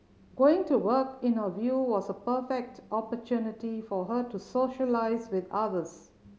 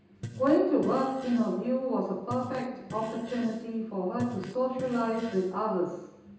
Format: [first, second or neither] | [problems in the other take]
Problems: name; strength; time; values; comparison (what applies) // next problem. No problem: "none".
first | background sound (Fart); 16 dB below the speech // room echo; dies away in 0.9 s